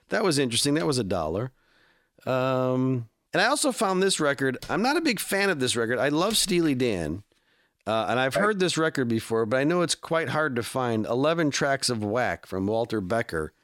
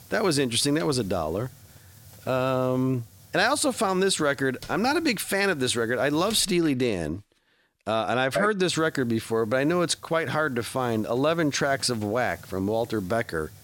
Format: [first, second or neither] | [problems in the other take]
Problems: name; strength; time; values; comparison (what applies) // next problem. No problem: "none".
first | hiss; faint; until 6.5 s and from 8.5 s on; 25 dB below the speech